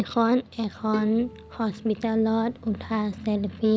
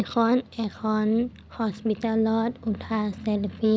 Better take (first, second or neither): second